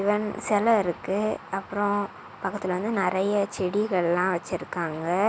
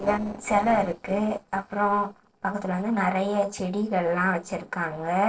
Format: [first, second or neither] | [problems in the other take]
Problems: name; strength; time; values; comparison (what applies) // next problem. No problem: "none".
first | noise reduction (neural separator model SepFormer DNS4)